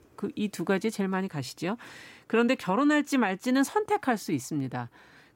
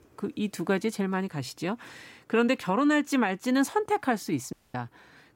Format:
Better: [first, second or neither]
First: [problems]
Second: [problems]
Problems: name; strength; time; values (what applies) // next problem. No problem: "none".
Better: first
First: none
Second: audio cutting out; at 4.5 s